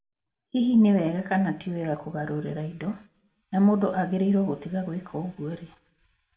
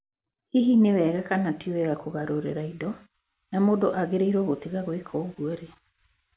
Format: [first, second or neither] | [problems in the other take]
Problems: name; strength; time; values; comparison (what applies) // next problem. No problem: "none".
second | room echo; dies away in 0.2 s